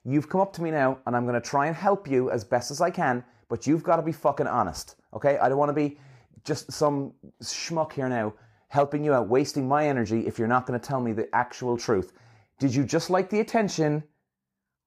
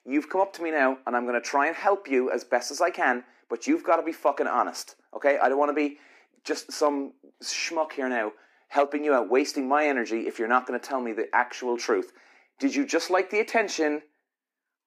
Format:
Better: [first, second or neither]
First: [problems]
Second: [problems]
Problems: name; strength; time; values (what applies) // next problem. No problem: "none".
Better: first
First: none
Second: thin; very slightly; fading below 250 Hz